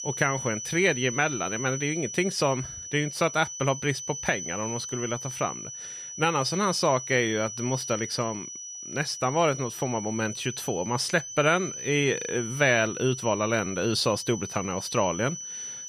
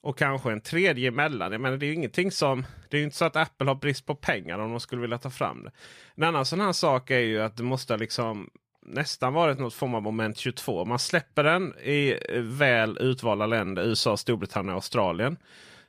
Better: second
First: high-pitched whine; loud; throughout; 6 kHz, 8 dB below the speech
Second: none

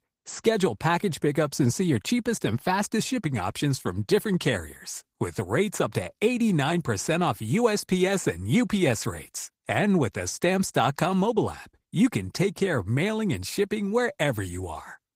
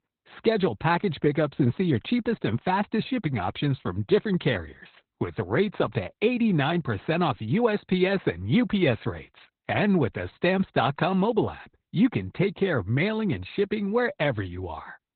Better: first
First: garbled, watery; slightly; nothing above 15.5 kHz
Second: garbled, watery; badly; nothing above 4 kHz

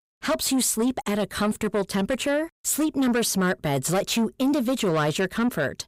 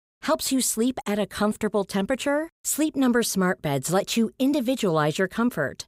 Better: second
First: distortion; slight; 10 dB below the speech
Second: none

